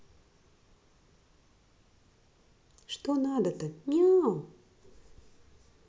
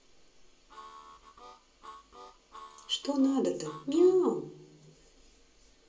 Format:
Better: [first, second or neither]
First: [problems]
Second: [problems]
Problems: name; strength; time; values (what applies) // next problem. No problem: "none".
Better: first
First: none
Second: background sound (Harmonica); 18 dB below the speech // room echo; dies away in 0.3 s